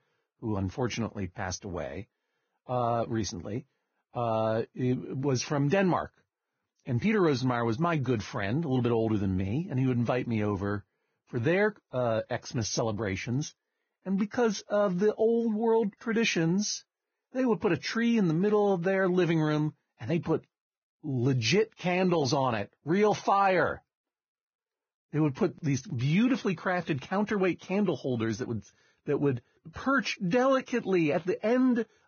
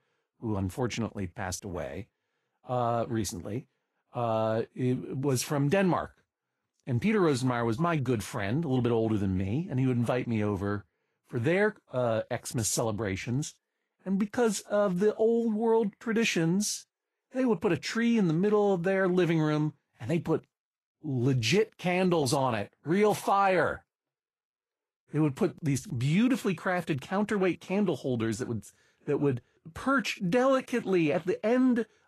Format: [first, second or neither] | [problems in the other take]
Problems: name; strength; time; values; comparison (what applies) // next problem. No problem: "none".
second | garbled, watery; badly; nothing above 6.5 kHz; slightly in the second